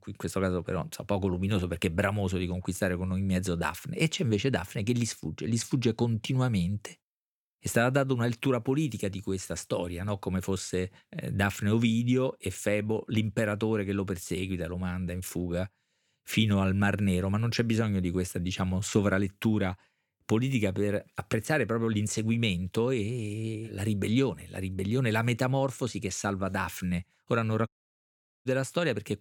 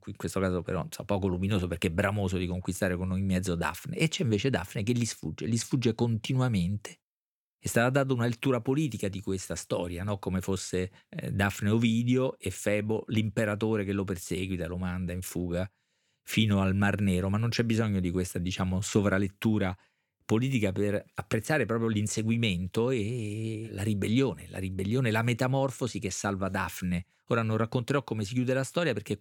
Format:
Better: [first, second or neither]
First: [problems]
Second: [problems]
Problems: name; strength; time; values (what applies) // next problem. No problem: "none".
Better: second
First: audio cutting out; at 28 s for 1 s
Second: none